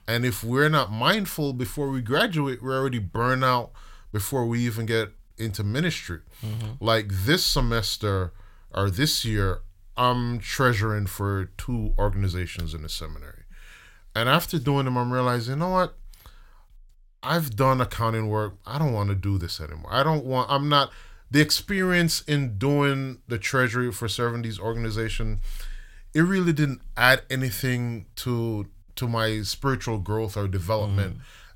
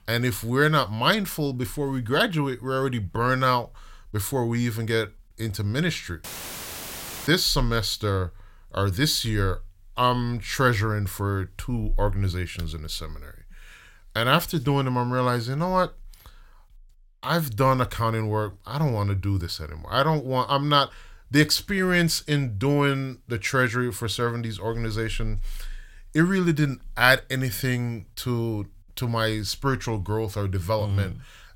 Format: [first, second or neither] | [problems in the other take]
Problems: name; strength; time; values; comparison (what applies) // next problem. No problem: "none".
first | audio cutting out; filled with static; at 6 s for 1 s